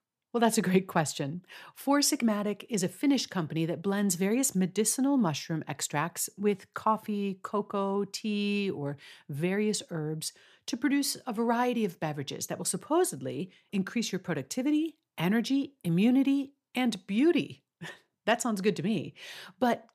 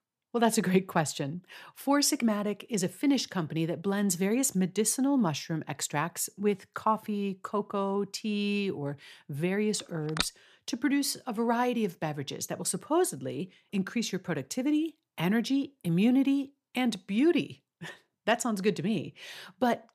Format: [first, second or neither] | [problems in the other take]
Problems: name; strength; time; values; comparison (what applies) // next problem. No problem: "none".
first | phone ringing; noticeable; at 10 s; peak 4 dB below the speech